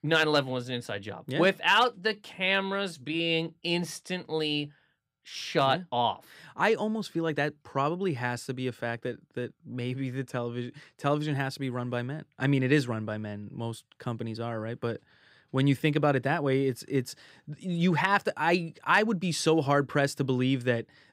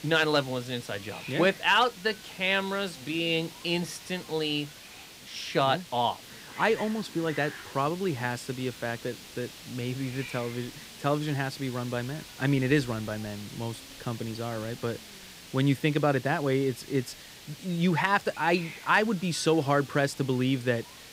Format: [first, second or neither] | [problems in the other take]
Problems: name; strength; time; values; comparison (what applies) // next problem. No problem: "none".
first | hiss; noticeable; throughout; 15 dB below the speech